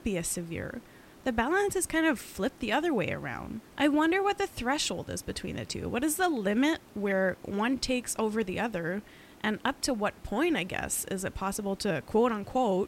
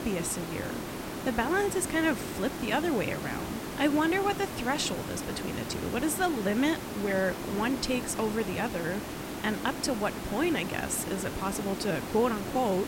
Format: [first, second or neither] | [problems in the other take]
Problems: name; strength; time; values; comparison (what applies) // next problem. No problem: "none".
first | hiss; loud; throughout; 6 dB below the speech; faint in the first